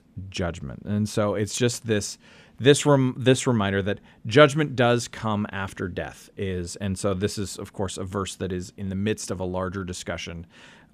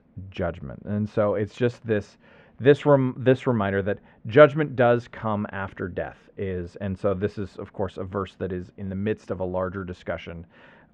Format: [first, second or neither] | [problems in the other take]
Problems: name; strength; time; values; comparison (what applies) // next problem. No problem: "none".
first | muffled; very; fading above 2 kHz